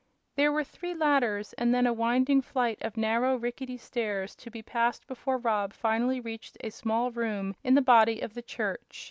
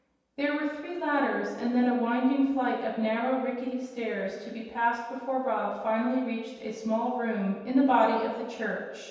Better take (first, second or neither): first